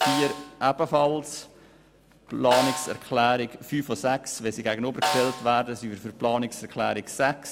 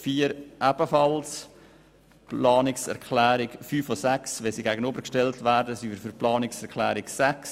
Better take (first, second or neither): second